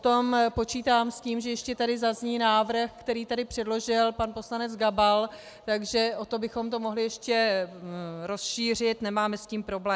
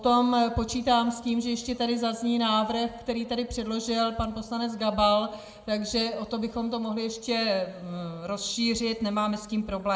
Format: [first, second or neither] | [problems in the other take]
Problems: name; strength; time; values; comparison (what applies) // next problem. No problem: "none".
first | room echo; dies away in 1 s